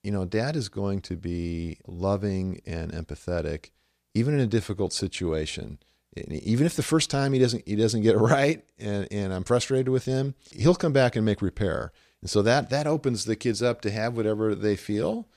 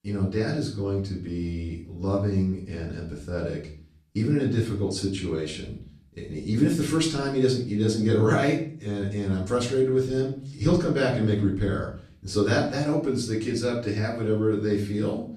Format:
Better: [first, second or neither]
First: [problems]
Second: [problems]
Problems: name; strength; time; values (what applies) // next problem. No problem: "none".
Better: first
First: none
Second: off-mic speech; far // room echo; slight; dies away in 0.4 s